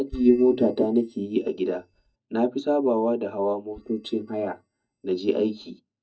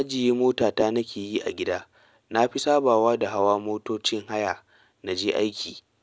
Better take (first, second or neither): second